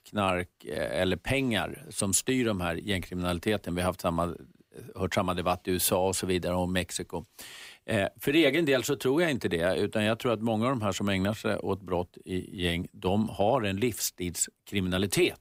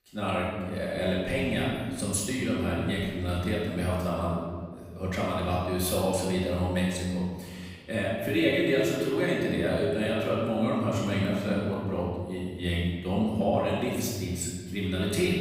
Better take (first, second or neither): first